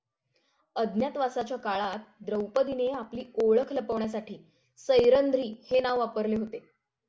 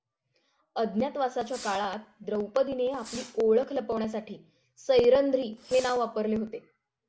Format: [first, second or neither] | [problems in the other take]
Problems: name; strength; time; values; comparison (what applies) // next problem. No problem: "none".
first | background sound (Fireworks); 20 dB below the speech